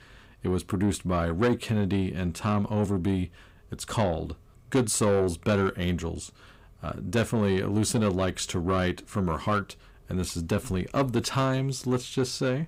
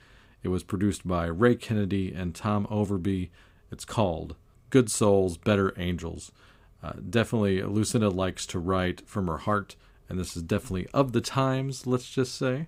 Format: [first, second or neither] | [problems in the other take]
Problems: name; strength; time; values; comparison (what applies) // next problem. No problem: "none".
second | distortion; slight; 10 dB below the speech